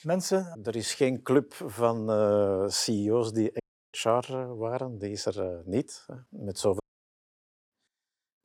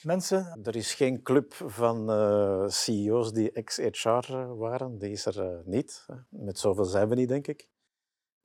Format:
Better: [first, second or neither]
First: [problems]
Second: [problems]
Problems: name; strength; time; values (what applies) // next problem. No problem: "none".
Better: second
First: audio cutting out; at 3.5 s and at 7 s for 1 s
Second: none